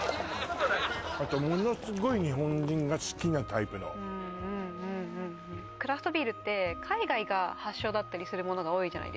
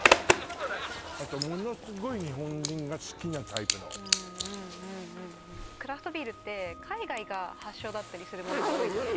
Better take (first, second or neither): first